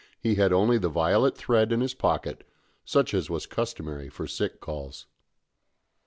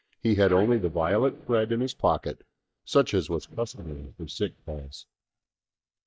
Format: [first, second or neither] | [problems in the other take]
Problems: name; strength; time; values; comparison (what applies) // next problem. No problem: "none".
first | noise reduction (neural mask model DeepFilterNet 3)